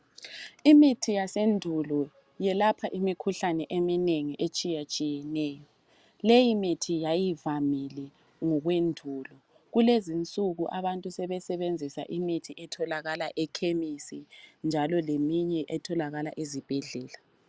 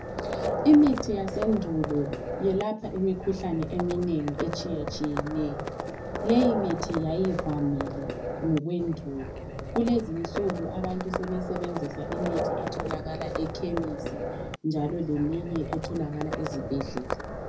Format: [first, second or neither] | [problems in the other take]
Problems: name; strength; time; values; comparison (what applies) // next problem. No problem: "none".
first | background sound (Livestock, farm animals, working animals); 5 dB below the speech // room echo; dies away in 0.4 s